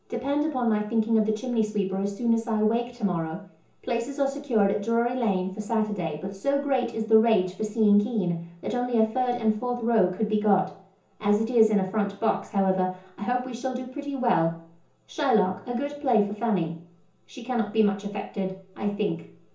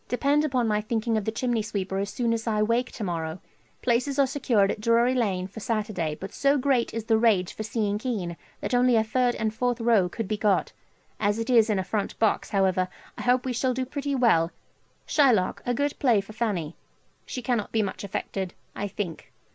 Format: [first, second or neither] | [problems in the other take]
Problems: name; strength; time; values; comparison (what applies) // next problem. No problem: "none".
second | room echo; dies away in 0.6 s